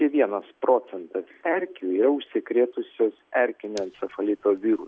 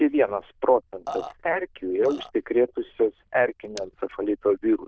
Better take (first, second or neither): first